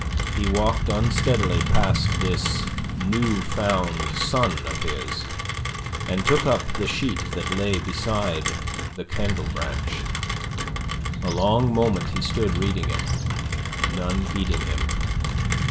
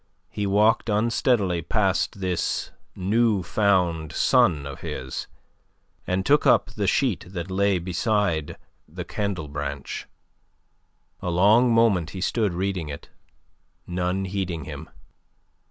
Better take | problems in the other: second | background sound (Rain); 1 dB above the speech // room echo; dies away in 0.4 s

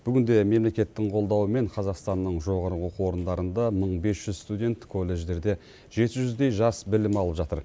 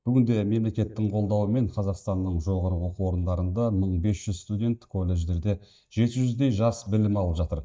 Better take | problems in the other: first | noise reduction (neural mask model DeepFilterNet 3)

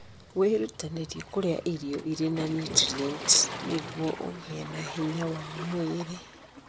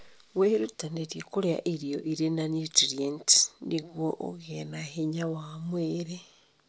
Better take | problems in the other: second | background sound (Waves, surf); 11 dB below the speech

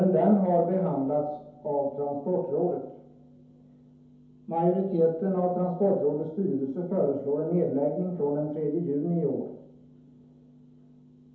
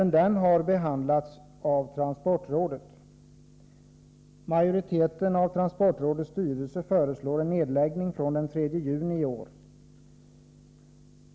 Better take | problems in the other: second | room echo; dies away in 2.2 s

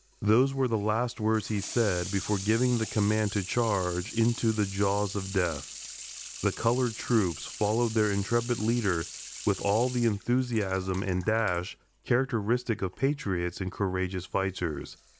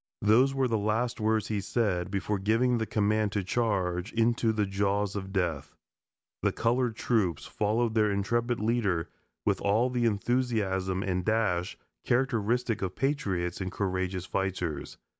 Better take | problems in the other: second | background sound (Sink (filling or washing) / Water tap, faucet); 15 dB below the speech

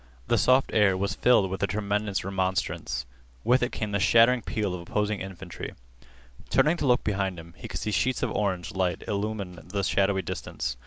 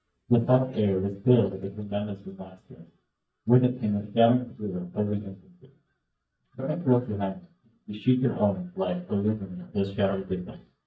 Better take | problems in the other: first | noise reduction (neural mask model DeepFilterNet 3)

